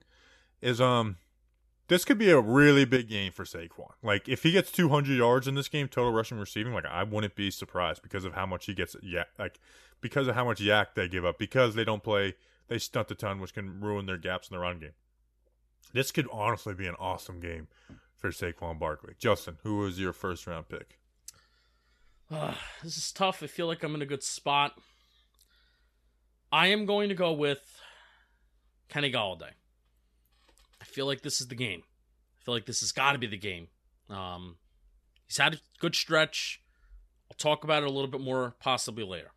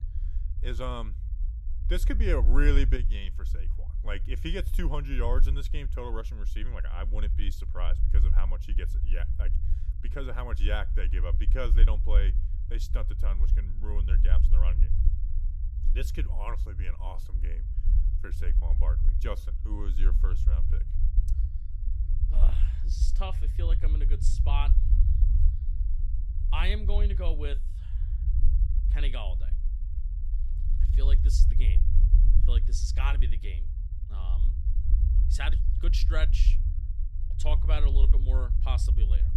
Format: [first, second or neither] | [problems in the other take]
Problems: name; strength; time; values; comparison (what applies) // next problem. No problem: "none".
first | low rumble; noticeable; throughout; 10 dB below the speech